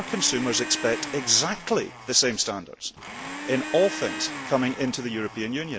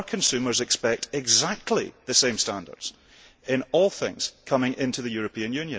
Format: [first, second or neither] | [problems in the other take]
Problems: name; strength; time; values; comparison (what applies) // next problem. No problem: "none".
second | background sound (Domestic sounds, home sounds); 10 dB below the speech